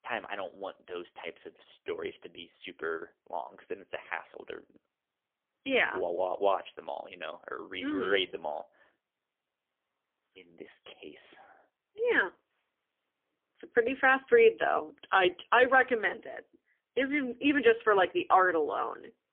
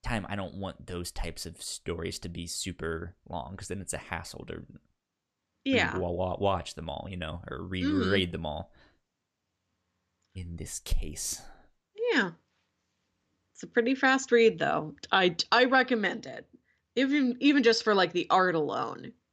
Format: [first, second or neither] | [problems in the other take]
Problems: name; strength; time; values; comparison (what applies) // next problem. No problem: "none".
second | phone-call audio; poor line; nothing above 3.5 kHz